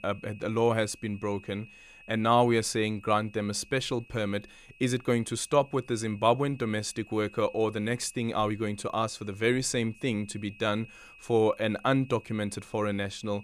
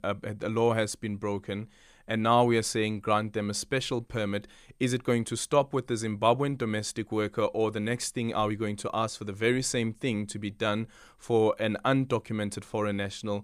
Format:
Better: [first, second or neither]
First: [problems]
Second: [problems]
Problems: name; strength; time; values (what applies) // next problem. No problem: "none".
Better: second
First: high-pitched whine; faint; throughout; 2.5 kHz, 25 dB below the speech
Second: none